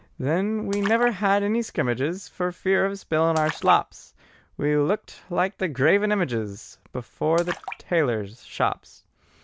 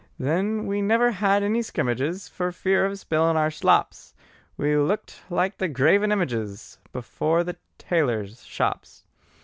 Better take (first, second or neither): second